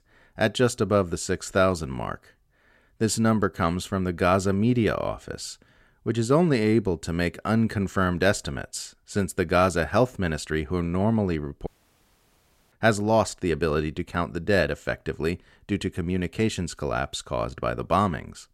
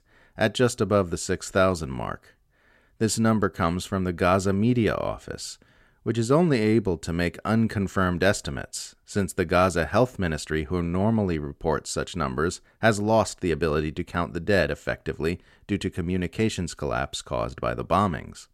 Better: second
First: audio cutting out; at 12 s for 1 s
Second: none

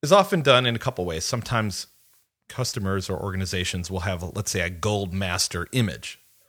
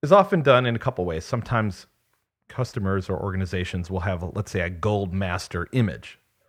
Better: first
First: none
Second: muffled; slightly; fading above 3 kHz

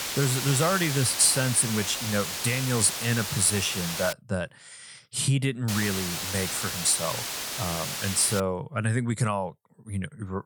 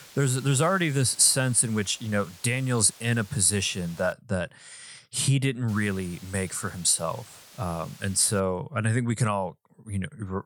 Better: second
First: hiss; loud; until 4 s and from 5.5 to 8.5 s; 4 dB below the speech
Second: hiss; faint; until 4 s and from 5.5 to 8.5 s; 20 dB below the speech

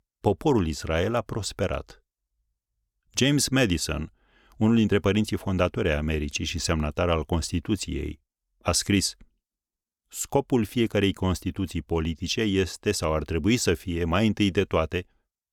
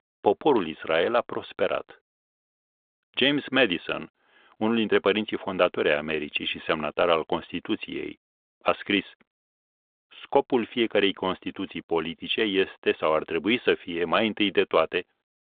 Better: first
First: none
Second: phone-call audio

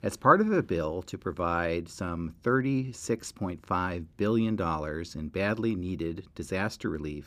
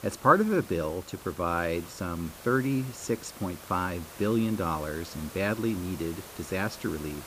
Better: first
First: none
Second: hiss; noticeable; throughout; 15 dB below the speech

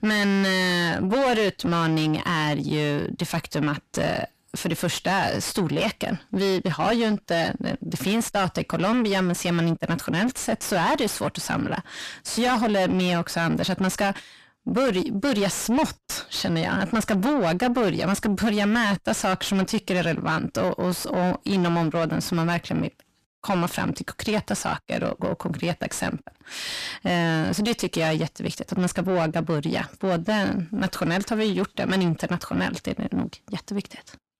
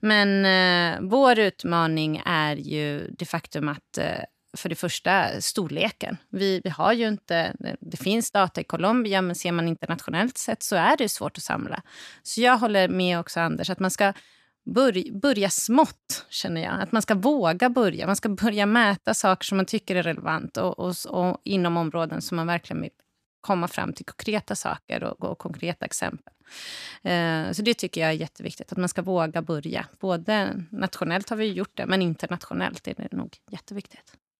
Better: second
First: distortion; heavy; 5 dB below the speech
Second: none

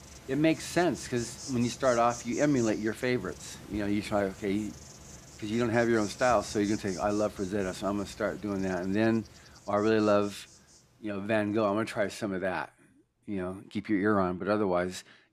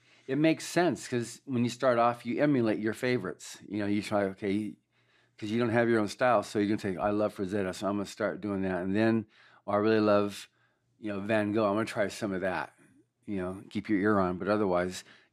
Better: second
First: animal sounds; noticeable; throughout; 15 dB below the speech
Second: none

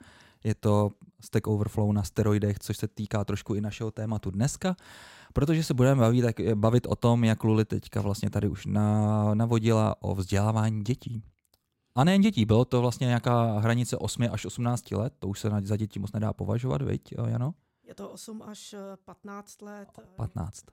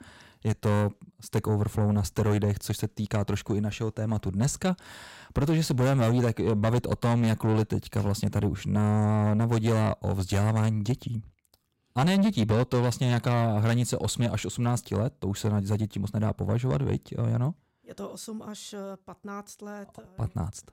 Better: first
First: none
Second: distortion; slight; 10 dB below the speech

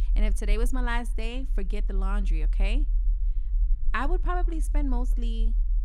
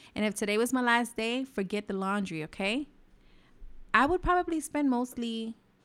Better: second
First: low rumble; faint; throughout; 20 dB below the speech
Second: none

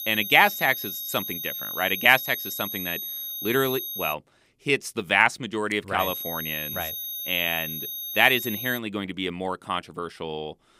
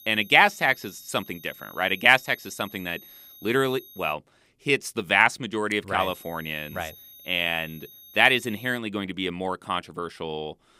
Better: second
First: high-pitched whine; loud; until 4 s and from 6 to 9 s; 11.5 kHz, 6 dB below the speech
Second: high-pitched whine; faint; until 4 s and from 6 to 9 s; 11.5 kHz, 20 dB below the speech

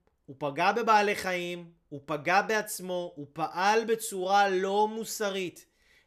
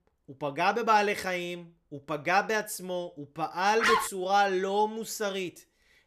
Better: first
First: none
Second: dog barking; loud; at 4 s; peak 3 dB above the speech

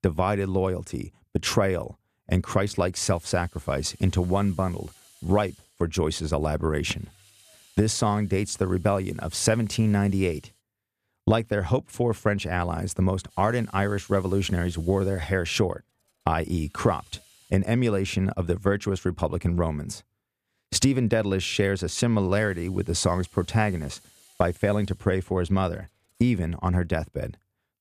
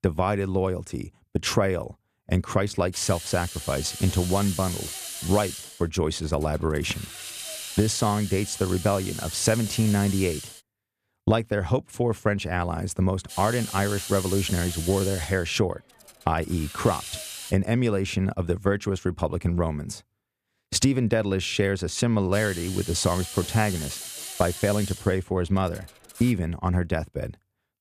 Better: first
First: hiss; faint; from 3 to 11 s, from 13 to 18 s and from 22 to 26 s; 30 dB below the speech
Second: hiss; loud; from 3 to 11 s, from 13 to 18 s and from 22 to 26 s; 9 dB below the speech

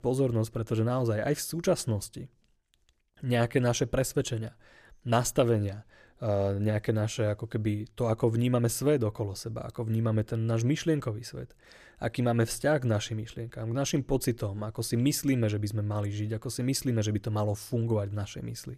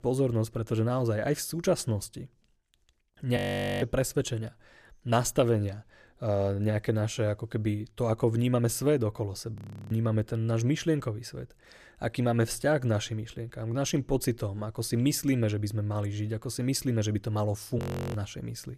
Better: first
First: none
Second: audio freezing; at 3.5 s, at 9.5 s and at 18 s

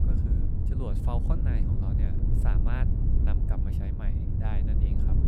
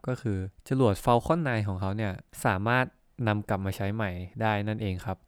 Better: second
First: wind noise on the microphone; heavy; 2 dB above the speech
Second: none

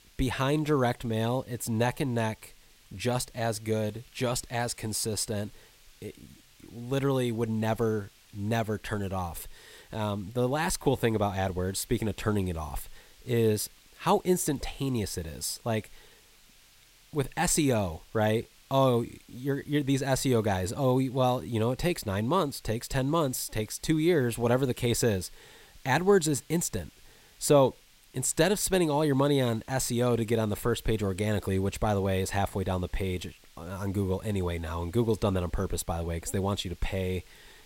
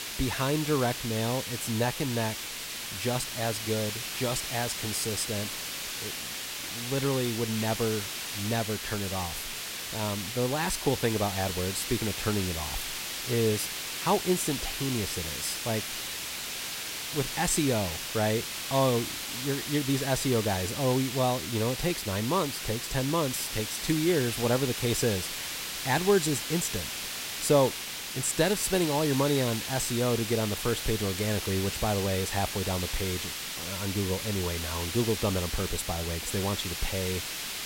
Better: first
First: hiss; faint; throughout; 30 dB below the speech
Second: hiss; loud; throughout; 3 dB below the speech

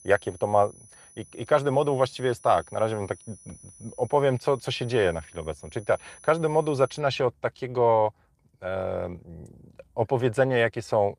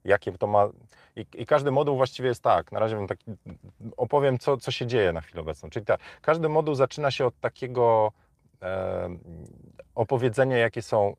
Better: second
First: high-pitched whine; faint; until 7 s; 10 kHz, 25 dB below the speech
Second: none

